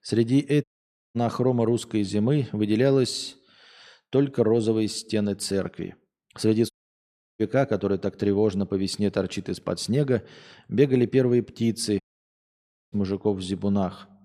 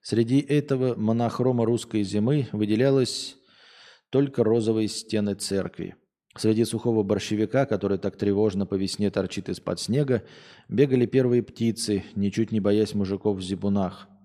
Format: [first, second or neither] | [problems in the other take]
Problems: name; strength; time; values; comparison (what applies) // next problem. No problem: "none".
second | audio cutting out; at 0.5 s, at 6.5 s for 0.5 s and at 12 s for 1 s